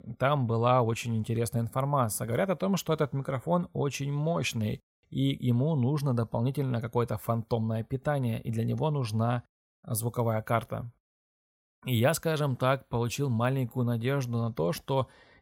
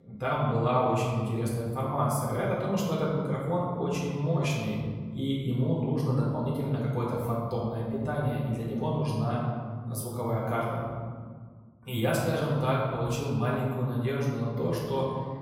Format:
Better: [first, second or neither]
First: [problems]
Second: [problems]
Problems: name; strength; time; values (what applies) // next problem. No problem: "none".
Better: first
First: none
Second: room echo; noticeable; dies away in 1.8 s // off-mic speech; far